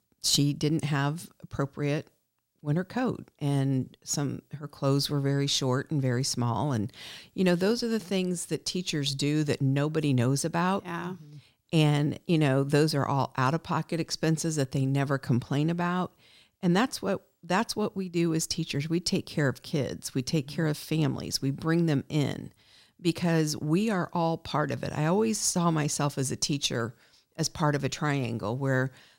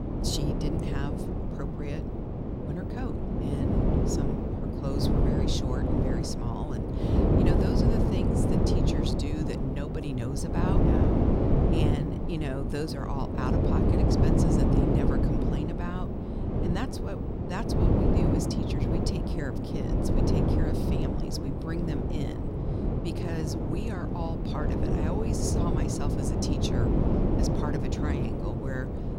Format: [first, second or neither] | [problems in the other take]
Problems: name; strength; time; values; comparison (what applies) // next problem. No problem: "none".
first | wind noise on the microphone; heavy; 5 dB above the speech